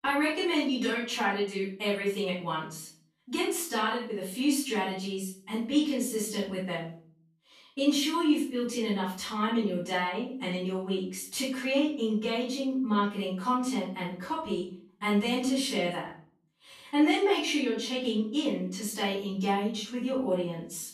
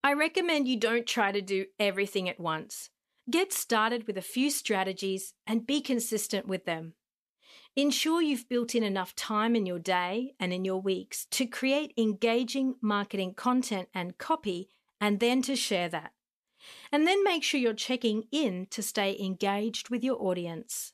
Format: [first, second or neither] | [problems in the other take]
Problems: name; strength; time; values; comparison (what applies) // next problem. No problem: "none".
second | room echo; noticeable; dies away in 0.4 s // off-mic speech; far